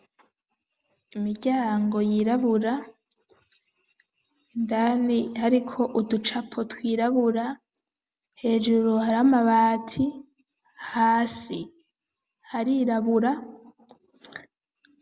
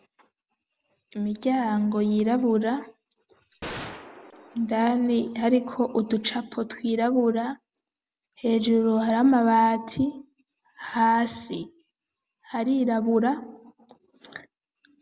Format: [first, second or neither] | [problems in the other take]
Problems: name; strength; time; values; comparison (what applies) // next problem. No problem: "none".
first | background sound (Gunshot, gunfire); 15 dB below the speech